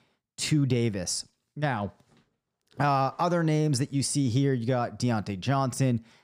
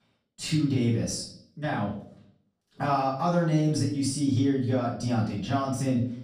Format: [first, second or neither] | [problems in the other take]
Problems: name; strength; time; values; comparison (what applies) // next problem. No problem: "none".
first | off-mic speech; far // room echo; noticeable; dies away in 0.5 s